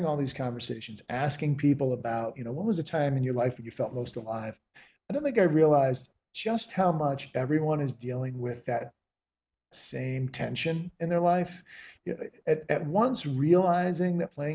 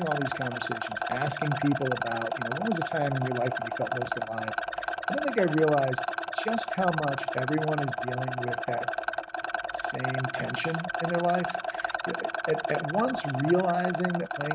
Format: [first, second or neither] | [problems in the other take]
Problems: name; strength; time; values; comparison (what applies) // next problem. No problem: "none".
first | background sound (Rattle); 2 dB below the speech